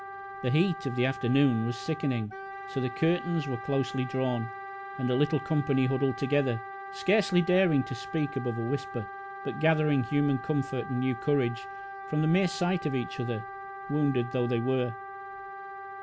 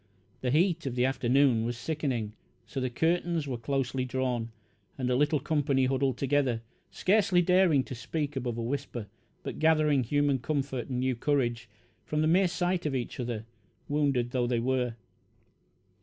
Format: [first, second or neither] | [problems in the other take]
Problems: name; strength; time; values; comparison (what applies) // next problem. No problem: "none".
second | background sound (Wind instrument, woodwind instrument); 11 dB below the speech